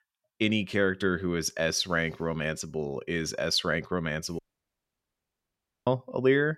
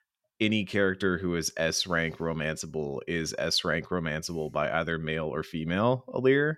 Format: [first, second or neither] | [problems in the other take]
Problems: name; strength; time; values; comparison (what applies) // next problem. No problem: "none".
second | audio cutting out; at 4.5 s for 1.5 s